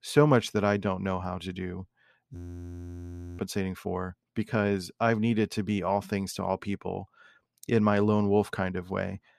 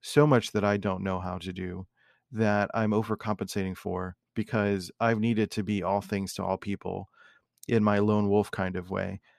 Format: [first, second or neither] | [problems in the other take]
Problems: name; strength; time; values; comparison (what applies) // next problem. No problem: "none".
second | audio freezing; at 2.5 s for 1 s